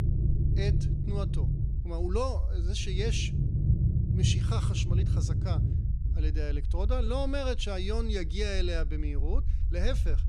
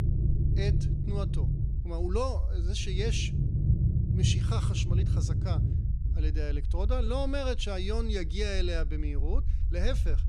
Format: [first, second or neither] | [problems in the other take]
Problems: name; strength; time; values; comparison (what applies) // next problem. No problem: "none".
neither | low rumble; loud; throughout; 7 dB below the speech; the same in both